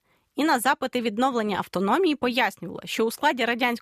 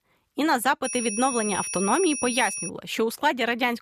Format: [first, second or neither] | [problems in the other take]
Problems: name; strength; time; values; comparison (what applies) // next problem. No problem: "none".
first | high-pitched whine; loud; from 1 to 2.5 s; 9.5 kHz, 5 dB below the speech